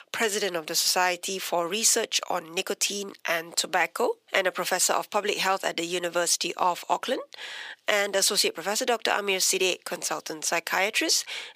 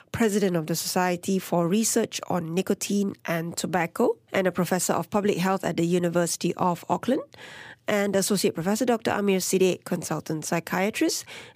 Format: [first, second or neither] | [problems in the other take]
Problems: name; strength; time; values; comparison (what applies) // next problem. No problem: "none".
second | thin; very; fading below 550 Hz